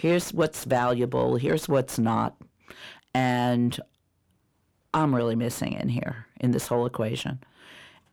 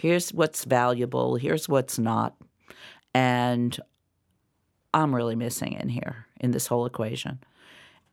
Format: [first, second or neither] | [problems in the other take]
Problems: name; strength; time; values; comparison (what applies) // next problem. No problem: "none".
second | distortion; slight; 10 dB below the speech